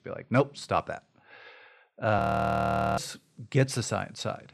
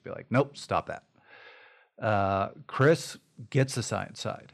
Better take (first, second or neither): second